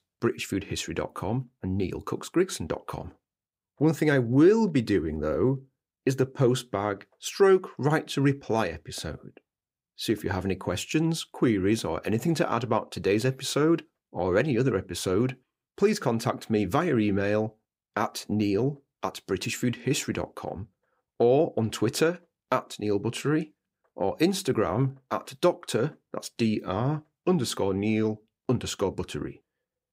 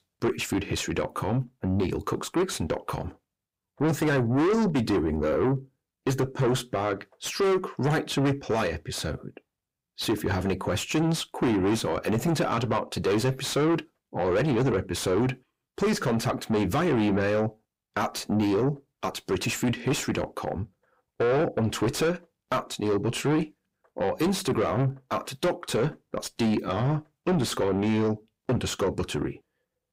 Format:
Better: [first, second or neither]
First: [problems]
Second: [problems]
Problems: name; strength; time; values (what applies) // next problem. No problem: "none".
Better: first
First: none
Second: distortion; heavy; 7 dB below the speech